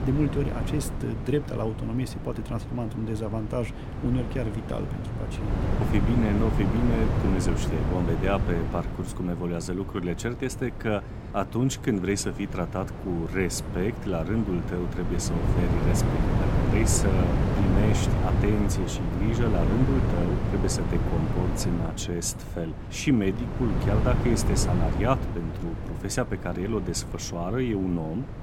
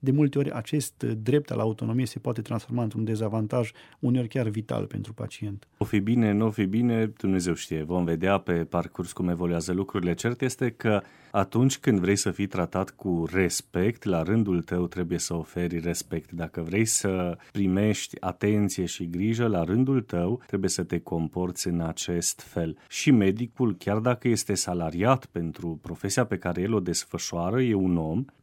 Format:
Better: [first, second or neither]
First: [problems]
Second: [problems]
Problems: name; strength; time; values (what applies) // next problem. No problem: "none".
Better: second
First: wind noise on the microphone; heavy; 4 dB below the speech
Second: none